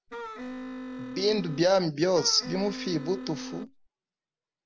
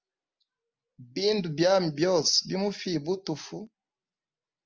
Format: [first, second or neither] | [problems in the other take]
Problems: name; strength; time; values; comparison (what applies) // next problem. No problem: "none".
second | background sound (Wind instrument, woodwind instrument); 9 dB below the speech